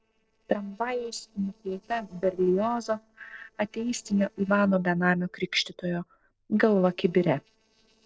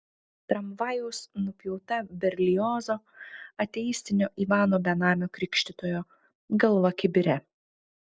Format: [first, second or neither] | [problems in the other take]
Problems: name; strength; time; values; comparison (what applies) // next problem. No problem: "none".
second | noise reduction (neural separator model SepFormer DNS4)